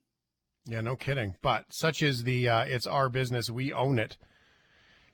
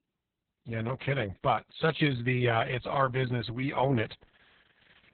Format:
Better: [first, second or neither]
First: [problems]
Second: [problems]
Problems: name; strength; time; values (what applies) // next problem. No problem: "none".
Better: first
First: none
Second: garbled, watery; badly; nothing above 4 kHz